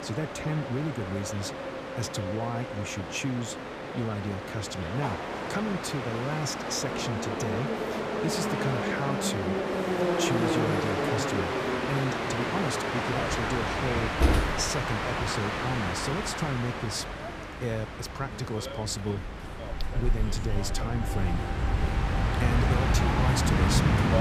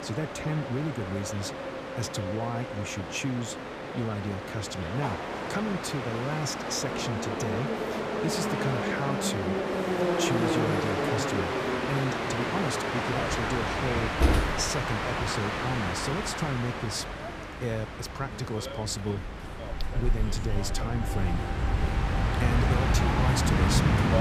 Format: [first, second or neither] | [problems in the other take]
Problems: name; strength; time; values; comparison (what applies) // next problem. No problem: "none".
neither | train or aircraft noise; very loud; throughout; 3 dB above the speech; the same in both